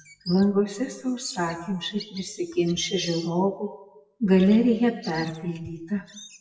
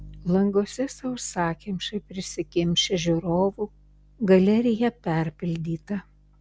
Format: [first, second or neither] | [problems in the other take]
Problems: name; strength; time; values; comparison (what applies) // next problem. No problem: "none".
second | noise reduction (classical method WPE with log-MMSE)